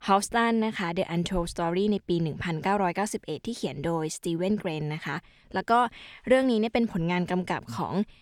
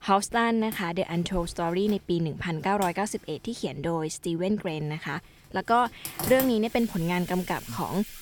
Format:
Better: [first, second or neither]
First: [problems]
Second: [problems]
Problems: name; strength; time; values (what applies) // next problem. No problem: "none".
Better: first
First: none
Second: household noises; noticeable; throughout; 10 dB below the speech